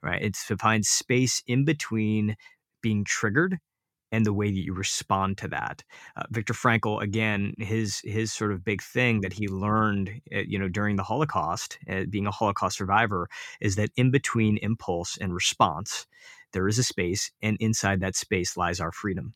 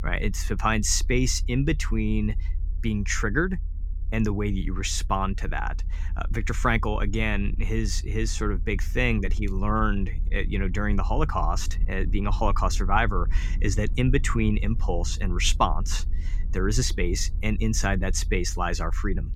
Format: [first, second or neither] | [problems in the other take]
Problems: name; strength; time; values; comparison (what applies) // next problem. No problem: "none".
first | low rumble; faint; throughout; 25 dB below the speech